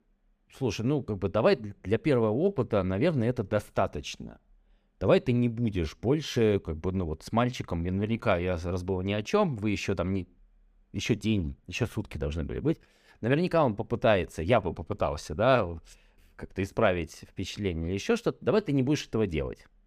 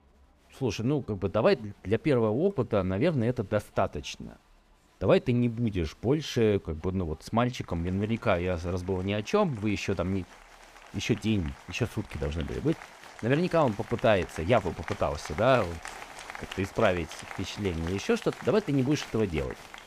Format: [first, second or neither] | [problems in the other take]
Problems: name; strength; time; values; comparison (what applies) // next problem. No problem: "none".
first | crowd noise; noticeable; throughout; 15 dB below the speech